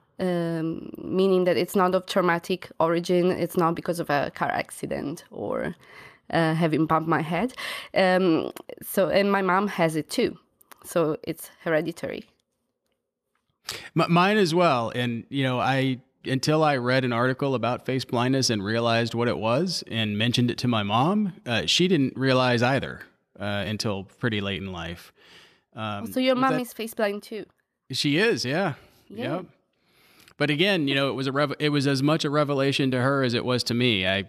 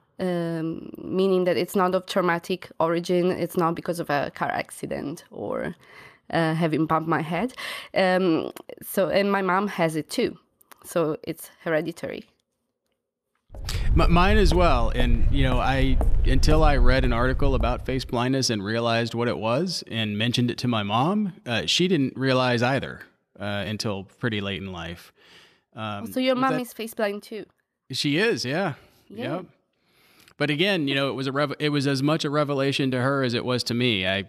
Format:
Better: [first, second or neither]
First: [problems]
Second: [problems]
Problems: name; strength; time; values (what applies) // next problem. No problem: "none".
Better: first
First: none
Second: footsteps; noticeable; from 14 to 18 s; peak level with the speech